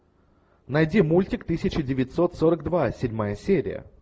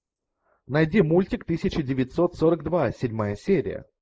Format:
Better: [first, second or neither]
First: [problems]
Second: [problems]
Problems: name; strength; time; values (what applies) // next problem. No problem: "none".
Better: first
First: none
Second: noise reduction (neural mask model Resemble Enhance denoiser)